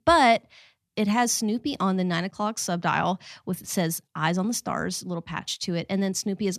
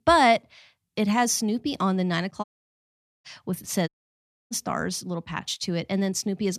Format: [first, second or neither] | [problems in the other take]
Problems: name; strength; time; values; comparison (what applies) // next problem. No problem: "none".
first | audio cutting out; at 2.5 s for 1 s and at 4 s for 0.5 s